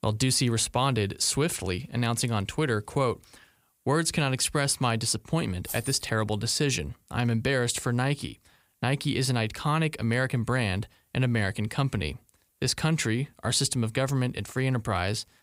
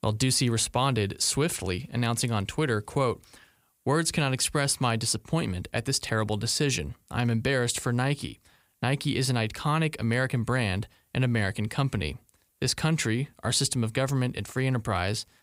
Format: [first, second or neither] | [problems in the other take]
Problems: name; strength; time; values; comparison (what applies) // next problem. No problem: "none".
second | jangling keys; noticeable; at 5.5 s; peak 9 dB below the speech